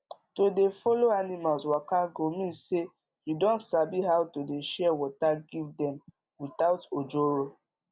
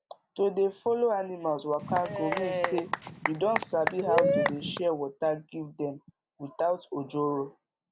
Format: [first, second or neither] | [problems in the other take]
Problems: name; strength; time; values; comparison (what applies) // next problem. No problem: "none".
first | background sound (Applause / Cheering / Clapping); as loud as the speech